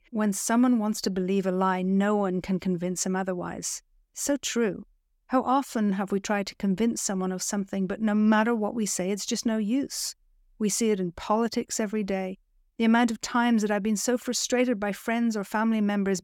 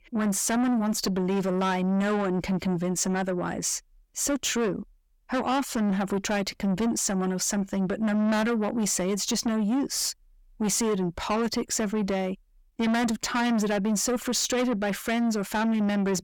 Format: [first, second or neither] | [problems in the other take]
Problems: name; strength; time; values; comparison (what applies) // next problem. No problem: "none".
first | distortion; heavy; 8 dB below the speech